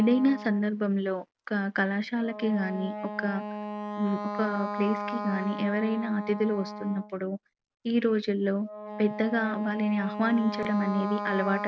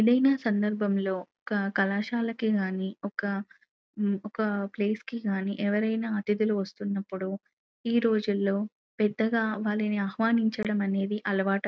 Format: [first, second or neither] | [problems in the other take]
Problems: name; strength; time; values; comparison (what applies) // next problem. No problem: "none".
second | background sound (Wind instrument, woodwind instrument); 8 dB below the speech